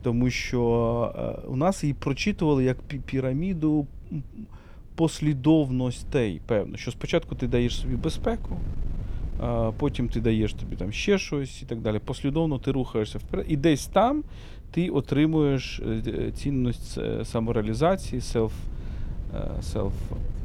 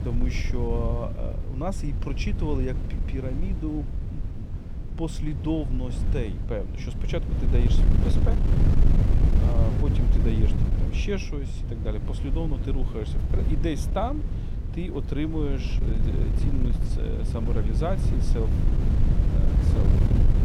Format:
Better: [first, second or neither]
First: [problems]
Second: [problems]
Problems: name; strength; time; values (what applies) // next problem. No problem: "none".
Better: first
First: wind noise on the microphone; occasional gusts; 25 dB below the speech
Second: wind noise on the microphone; heavy; 4 dB below the speech